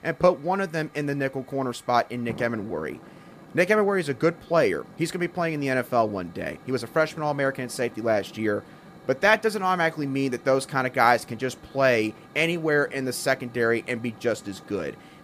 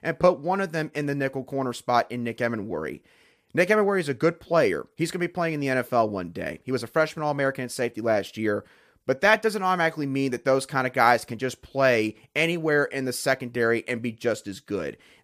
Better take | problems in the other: second | hiss; faint; throughout; 20 dB below the speech

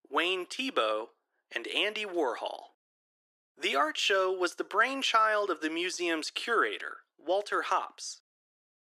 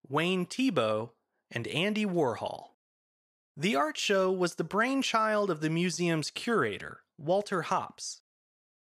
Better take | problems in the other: second | thin; somewhat; fading below 300 Hz

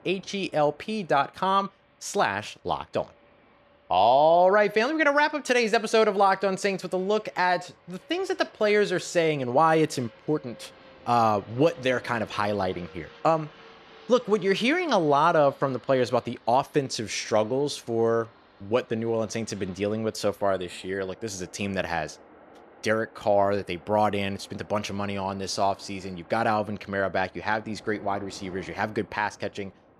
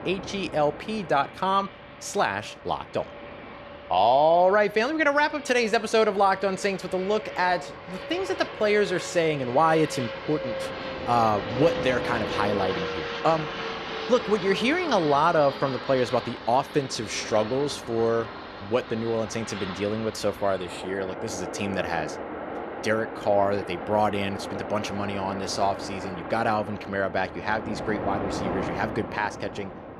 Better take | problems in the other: first | train or aircraft noise; loud; throughout; 9 dB below the speech; faint in the first

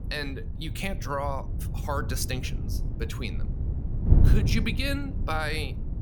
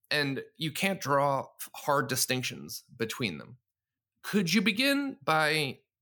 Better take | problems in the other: second | wind noise on the microphone; occasional gusts; 10 dB below the speech

